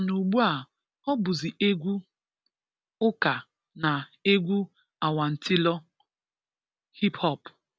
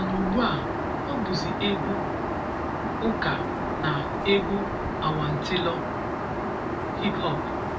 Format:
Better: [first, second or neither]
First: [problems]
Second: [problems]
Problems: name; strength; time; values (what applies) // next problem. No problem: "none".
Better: first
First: none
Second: background sound (Aircraft); 1 dB above the speech // room echo; dies away in 0.2 s